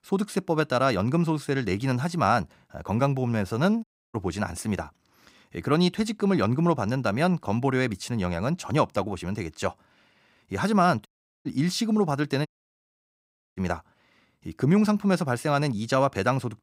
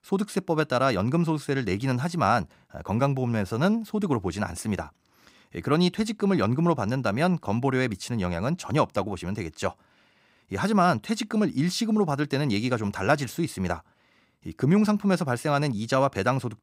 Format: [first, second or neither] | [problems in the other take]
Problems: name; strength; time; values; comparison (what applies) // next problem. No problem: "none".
second | audio cutting out; at 4 s, at 11 s and at 12 s for 1 s